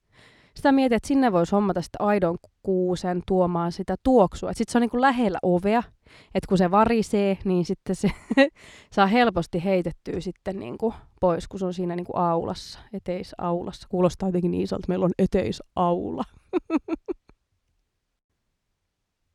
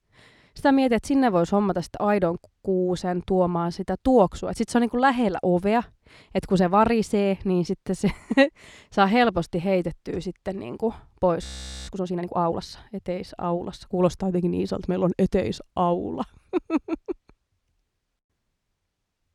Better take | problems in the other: first | audio freezing; at 11 s

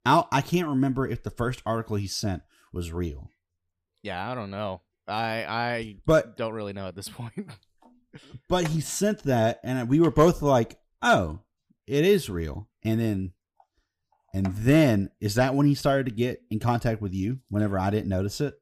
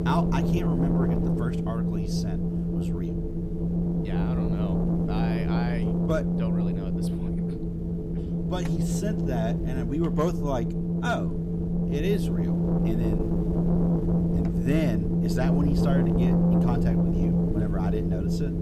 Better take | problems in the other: first | wind noise on the microphone; heavy; 1 dB above the speech

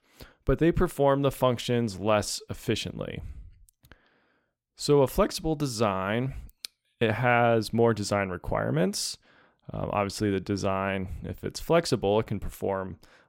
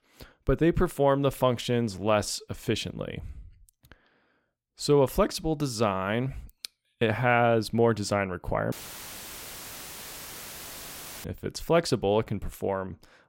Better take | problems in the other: first | audio cutting out; filled with static; at 8.5 s for 2.5 s

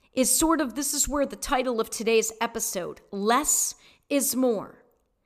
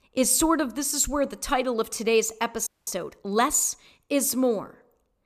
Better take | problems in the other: first | audio freezing; at 2.5 s

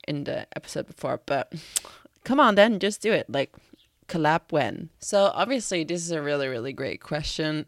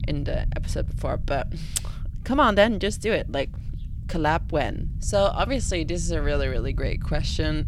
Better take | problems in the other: first | low rumble; faint; throughout; 20 dB below the speech

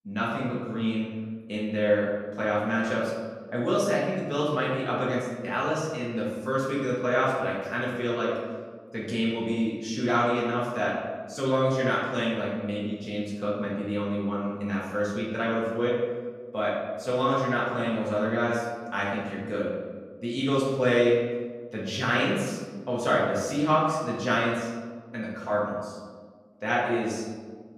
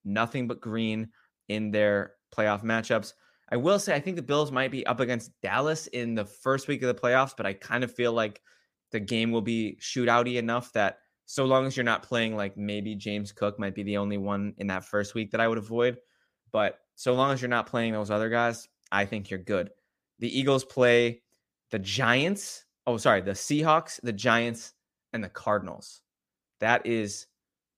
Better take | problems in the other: second | room echo; noticeable; dies away in 1.3 s // off-mic speech; far

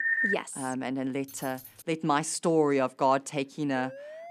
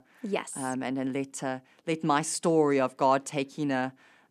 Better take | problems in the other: second | phone ringing; loud; at the start; peak 4 dB above the speech // jangling keys; faint; at 1.5 s; peak 15 dB below the speech // siren; faint; at 4 s; peak 15 dB below the speech

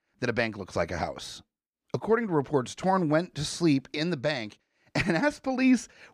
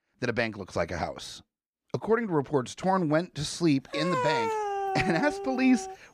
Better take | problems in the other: first | dog barking; loud; from 4 s on; peak 1 dB above the speech

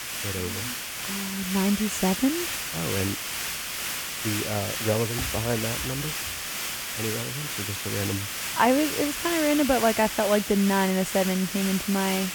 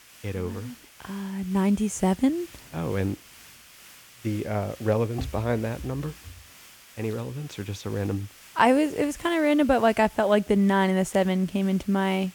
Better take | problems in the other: second | hiss; loud; throughout; 3 dB below the speech; faint in the second

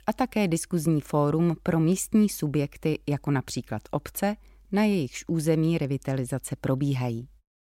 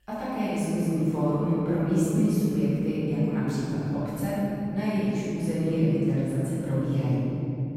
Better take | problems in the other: first | room echo; strong; dies away in 3 s // off-mic speech; far

